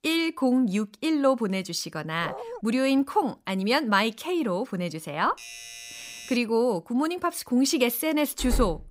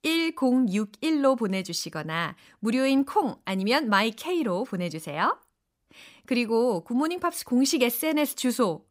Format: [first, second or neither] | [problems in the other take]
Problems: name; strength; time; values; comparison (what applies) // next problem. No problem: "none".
second | dog barking; faint; at 2 s; peak 10 dB below the speech // doorbell; faint; from 5.5 to 6.5 s; peak 10 dB below the speech // door banging; noticeable; at 8.5 s; peak 7 dB below the speech